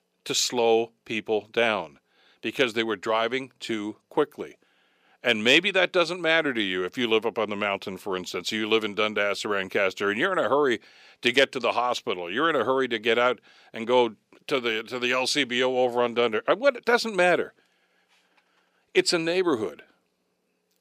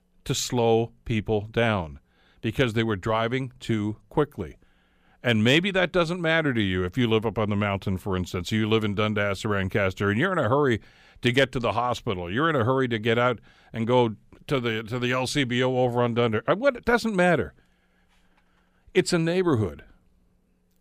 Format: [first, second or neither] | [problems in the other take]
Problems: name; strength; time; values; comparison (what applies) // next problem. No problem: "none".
second | thin; somewhat; fading below 350 Hz